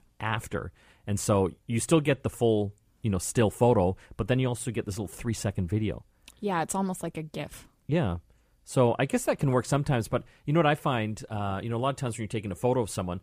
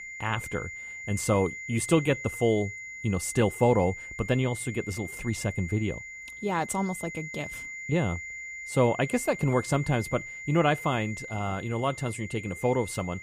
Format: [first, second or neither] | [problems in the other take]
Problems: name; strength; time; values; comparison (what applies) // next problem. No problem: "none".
first | high-pitched whine; loud; throughout; 2 kHz, 10 dB below the speech